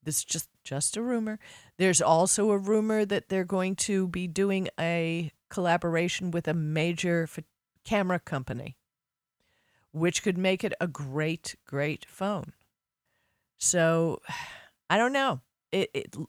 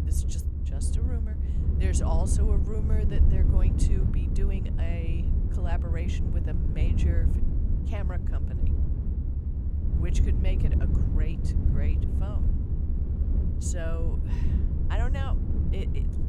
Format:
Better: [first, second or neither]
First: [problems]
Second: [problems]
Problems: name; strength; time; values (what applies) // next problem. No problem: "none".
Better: first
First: none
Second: low rumble; loud; throughout; 1 dB below the speech